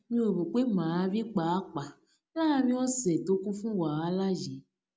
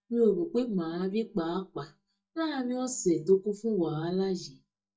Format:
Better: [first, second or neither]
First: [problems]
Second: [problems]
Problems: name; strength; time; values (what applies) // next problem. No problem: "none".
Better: first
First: none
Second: noise reduction (neural mask model DeepFilterNet 3)